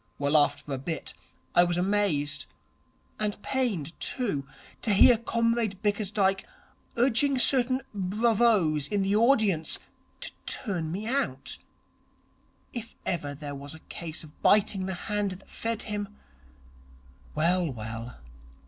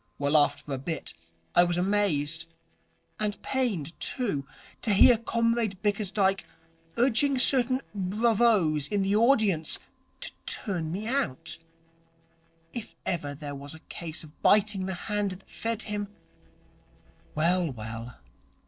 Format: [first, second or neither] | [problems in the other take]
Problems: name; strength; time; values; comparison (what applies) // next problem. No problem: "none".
first | noise reduction (neural separator model SepFormer DNS4)